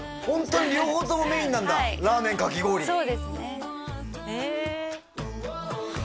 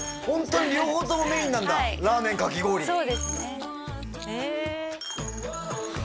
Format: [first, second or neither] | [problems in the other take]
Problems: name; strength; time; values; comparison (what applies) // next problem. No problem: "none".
first | background sound (Coin (dropping)); 14 dB below the speech